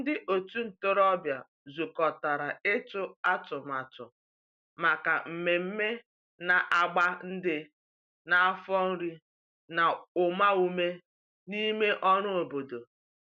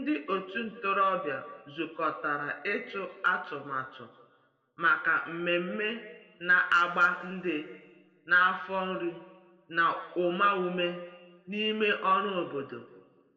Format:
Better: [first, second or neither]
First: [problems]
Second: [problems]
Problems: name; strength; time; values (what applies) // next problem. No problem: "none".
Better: first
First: none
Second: room echo; dies away in 1.3 s